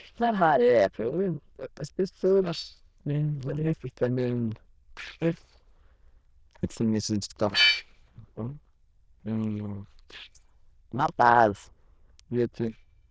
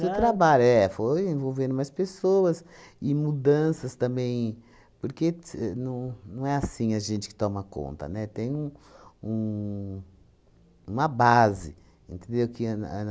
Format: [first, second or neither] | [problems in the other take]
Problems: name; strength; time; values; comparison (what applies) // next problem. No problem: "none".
second | noise reduction (neural diffusion model UNIVERSE++)